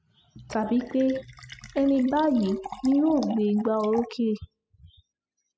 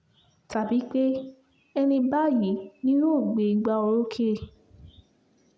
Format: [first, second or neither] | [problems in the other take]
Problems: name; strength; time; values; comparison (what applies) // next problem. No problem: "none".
second | noise reduction (classical method spectral subtraction)